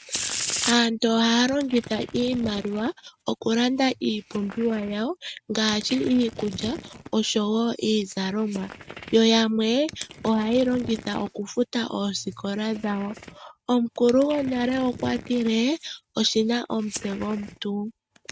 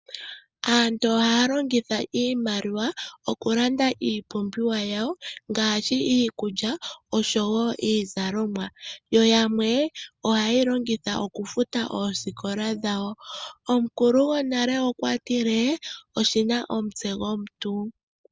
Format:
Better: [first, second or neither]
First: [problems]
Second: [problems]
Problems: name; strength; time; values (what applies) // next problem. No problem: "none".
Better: second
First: noise reduction (neural mask model RNNoise)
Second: none